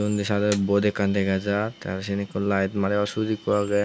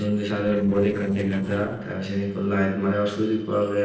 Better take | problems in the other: first | noise reduction (neural separator model SepFormer DNS4)

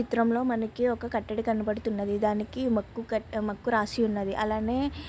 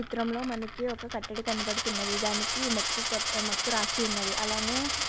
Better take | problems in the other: first | background sound (Coin (dropping)); 2 dB above the speech

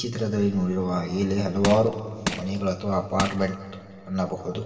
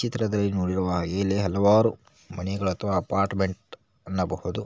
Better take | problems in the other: second | background sound (Crushing); 7 dB below the speech // room echo; dies away in 2.3 s

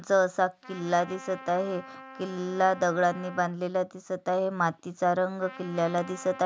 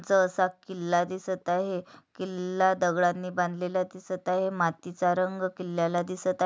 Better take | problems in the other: second | background sound (Trumpet); 19 dB below the speech

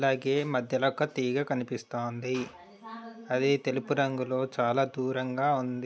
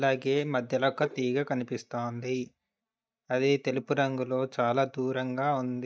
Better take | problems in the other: first | noise reduction (neural mask model DeepFilterNet 3)

